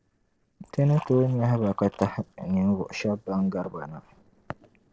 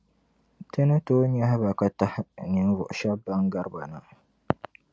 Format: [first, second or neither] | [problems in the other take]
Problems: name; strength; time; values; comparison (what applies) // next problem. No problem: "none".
second | noise reduction (neural separator model SepFormer DNS4)